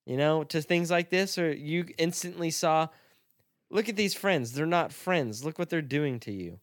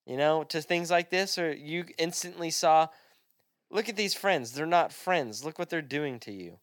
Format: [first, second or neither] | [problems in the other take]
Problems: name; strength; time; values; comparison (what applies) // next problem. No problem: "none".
first | thin; somewhat; fading below 300 Hz